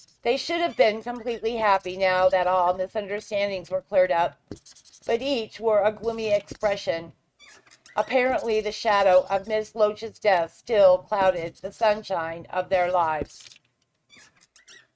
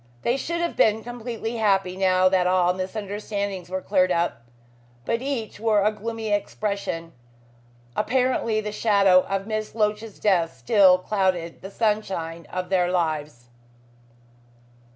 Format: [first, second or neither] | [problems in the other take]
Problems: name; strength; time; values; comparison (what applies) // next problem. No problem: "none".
second | noise reduction (neural mask model RNNoise)